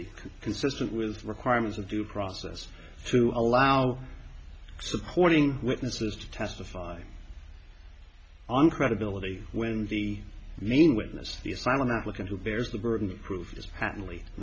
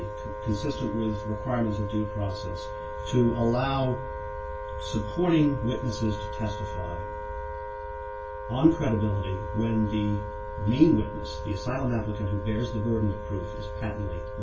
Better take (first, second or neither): first